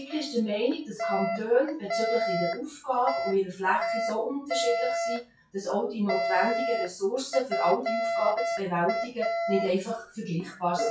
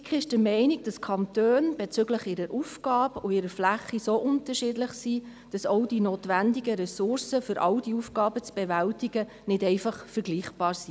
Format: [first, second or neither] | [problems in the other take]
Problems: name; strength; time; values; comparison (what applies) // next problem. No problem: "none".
second | noise reduction (classical method WPE with log-MMSE)